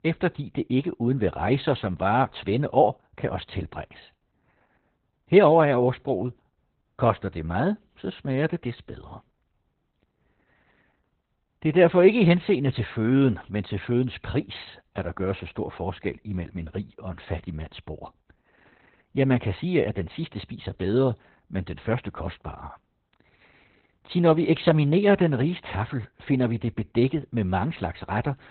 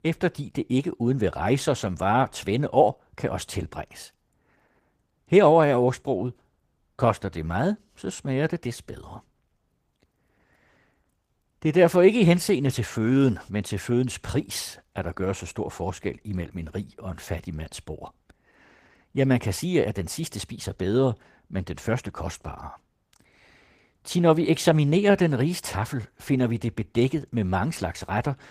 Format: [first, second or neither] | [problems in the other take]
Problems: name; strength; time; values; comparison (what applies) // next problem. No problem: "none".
second | garbled, watery; badly; nothing above 4 kHz; slightly in the second